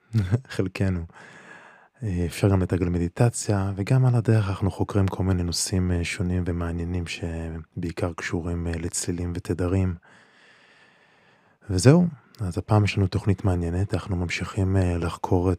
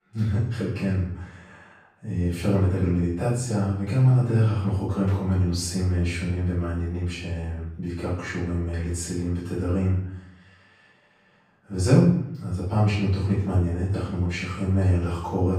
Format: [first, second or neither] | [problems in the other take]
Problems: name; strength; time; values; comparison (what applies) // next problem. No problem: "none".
first | off-mic speech; far // room echo; noticeable; dies away in 0.6 s